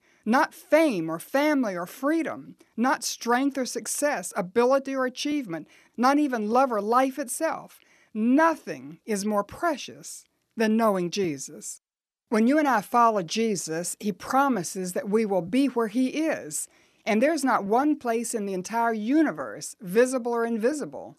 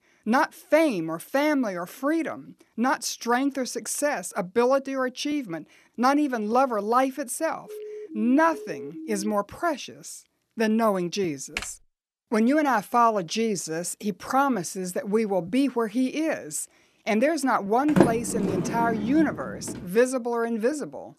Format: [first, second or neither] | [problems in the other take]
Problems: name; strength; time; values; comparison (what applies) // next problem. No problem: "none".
first | siren; faint; from 7.5 to 9.5 s; peak 10 dB below the speech // keyboard typing; noticeable; at 12 s; peak 9 dB below the speech // door banging; loud; from 18 to 19 s; peak 3 dB above the speech